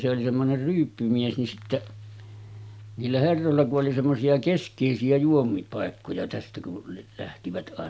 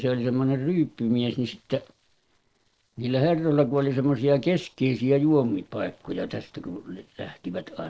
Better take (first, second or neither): first